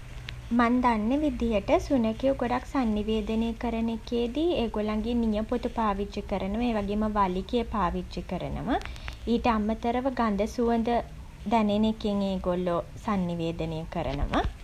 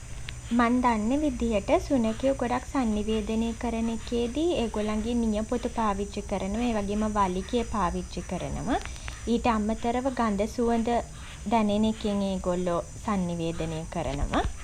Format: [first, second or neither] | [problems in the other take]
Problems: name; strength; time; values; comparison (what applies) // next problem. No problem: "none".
first | background sound (Insect); 15 dB below the speech